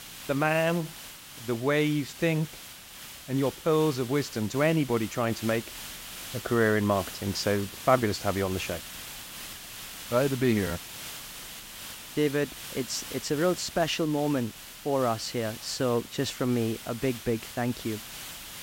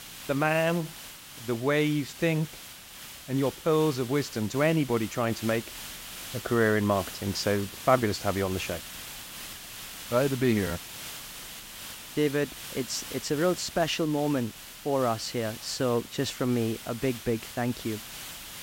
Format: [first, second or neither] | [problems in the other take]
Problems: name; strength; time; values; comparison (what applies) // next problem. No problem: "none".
neither | hiss; noticeable; throughout; 10 dB below the speech; the same in both